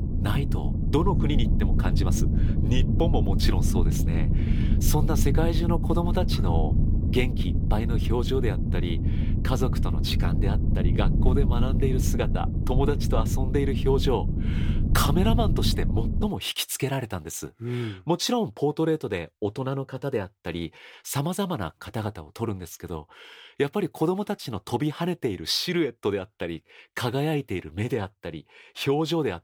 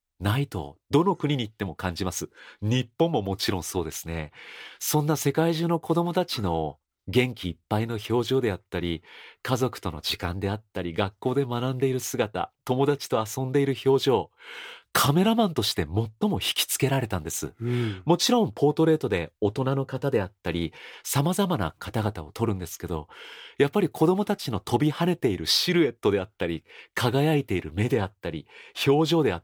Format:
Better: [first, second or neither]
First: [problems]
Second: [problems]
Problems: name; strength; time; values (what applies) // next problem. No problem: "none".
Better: second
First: low rumble; loud; until 16 s; 7 dB below the speech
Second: none